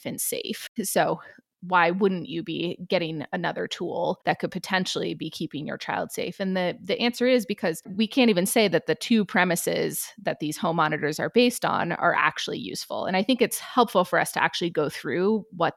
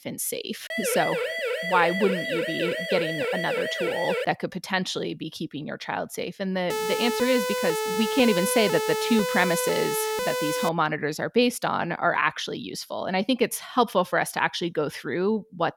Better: first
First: none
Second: siren; noticeable; from 0.5 to 4.5 s and from 6.5 to 11 s; peak 1 dB below the speech

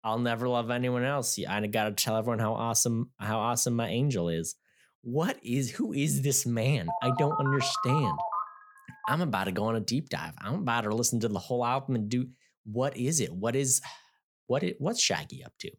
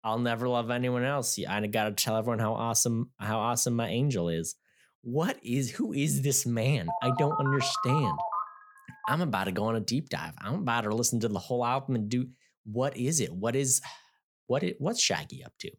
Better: neither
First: phone ringing; noticeable; from 7 to 9 s; peak 2 dB below the speech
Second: phone ringing; noticeable; from 7 to 9 s; peak 2 dB below the speech

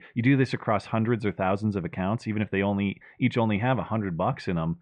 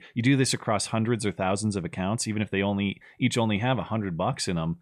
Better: second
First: muffled; very; fading above 2 kHz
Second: none

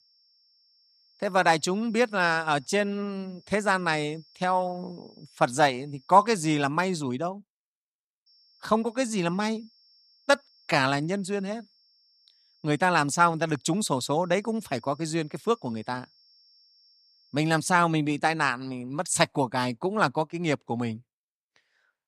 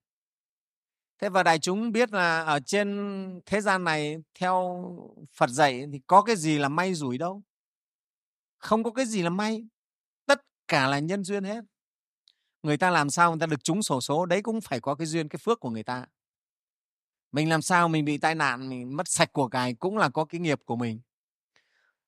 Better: second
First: high-pitched whine; faint; until 6.5 s and from 8.5 to 18 s; 5.5 kHz, 30 dB below the speech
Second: none

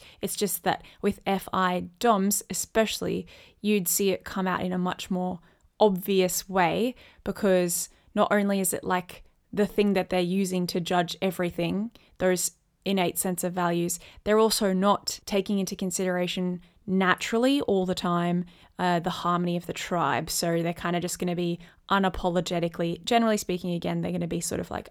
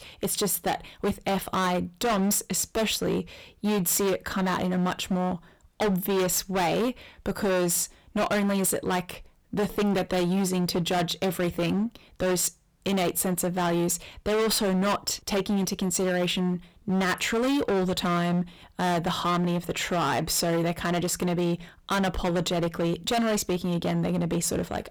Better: first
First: none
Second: distortion; heavy; 21% of the sound clipped

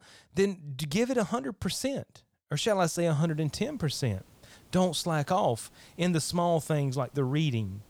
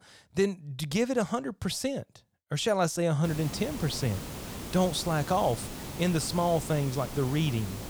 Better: first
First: hiss; faint; from 3 s on; 30 dB below the speech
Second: hiss; loud; from 3 s on; 10 dB below the speech

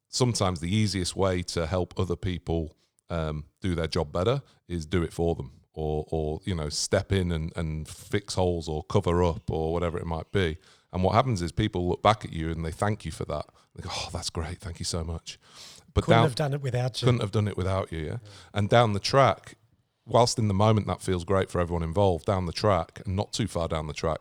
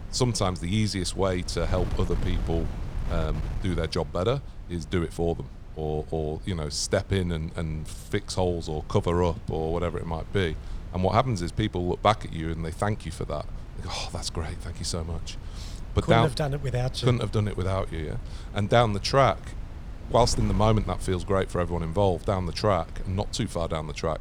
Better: first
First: none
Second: wind noise on the microphone; occasional gusts; 20 dB below the speech

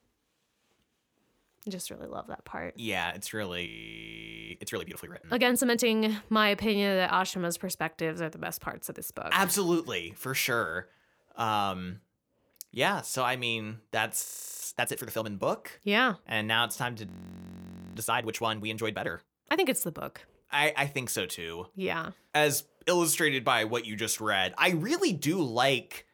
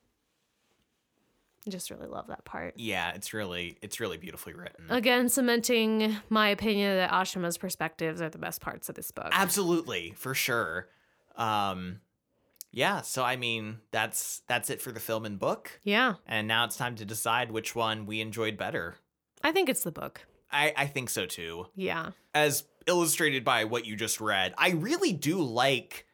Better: second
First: audio freezing; at 3.5 s for 1 s, at 14 s and at 17 s for 1 s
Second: none

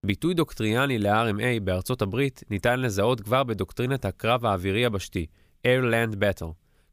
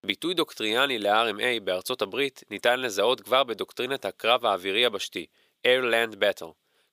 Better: first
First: none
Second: thin; somewhat; fading below 450 Hz

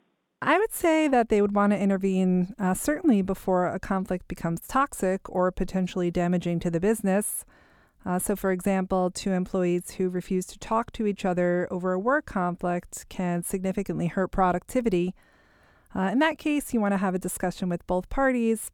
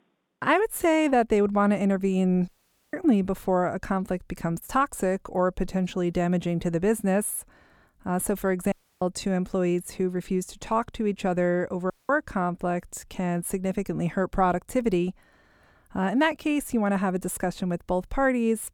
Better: first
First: none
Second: audio cutting out; at 2.5 s, at 8.5 s and at 12 s

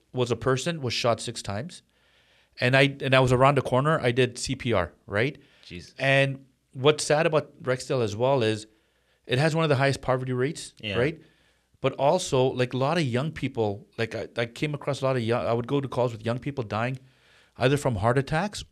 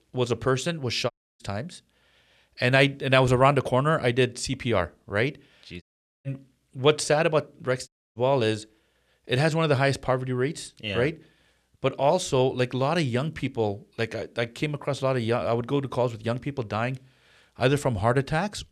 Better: first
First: none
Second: audio cutting out; at 1 s, at 6 s and at 8 s

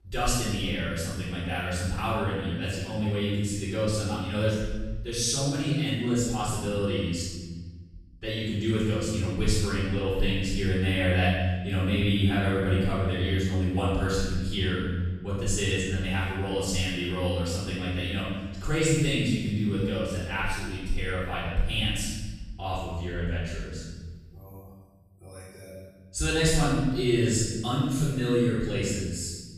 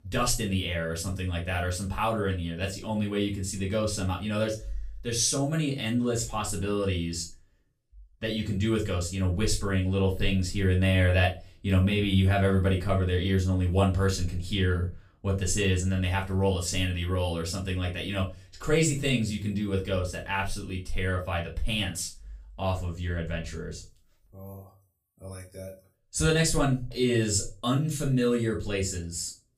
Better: second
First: room echo; strong; dies away in 1.3 s // off-mic speech; far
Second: room echo; slight; dies away in 0.3 s // off-mic speech; far

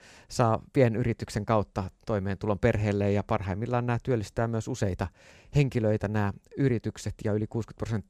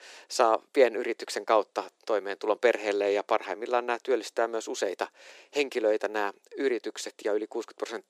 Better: first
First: none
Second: thin; very; fading below 350 Hz

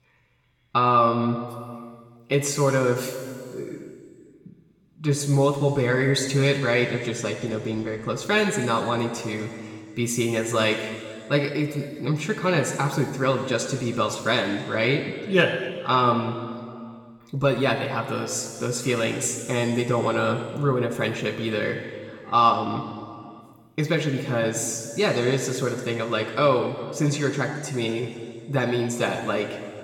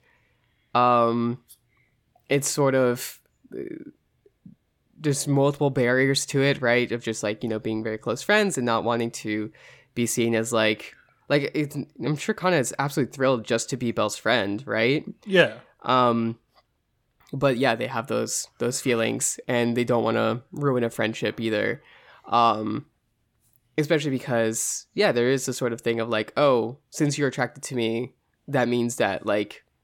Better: second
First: room echo; noticeable; dies away in 2.1 s // off-mic speech; somewhat distant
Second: none

